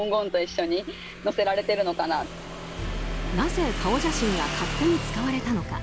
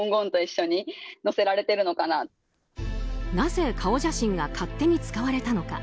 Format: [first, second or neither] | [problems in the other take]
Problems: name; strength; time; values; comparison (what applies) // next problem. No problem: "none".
second | background sound (Motorcycle / Engine); 8 dB below the speech